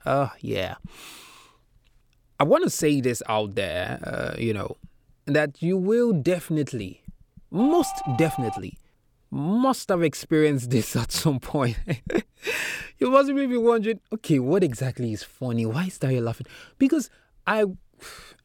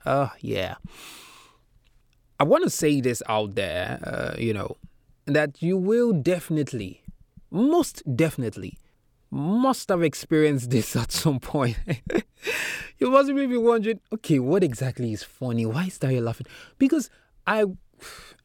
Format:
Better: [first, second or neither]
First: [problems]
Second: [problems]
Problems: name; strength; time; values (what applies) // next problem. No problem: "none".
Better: second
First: phone ringing; noticeable; from 7.5 to 8.5 s; peak 8 dB below the speech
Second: none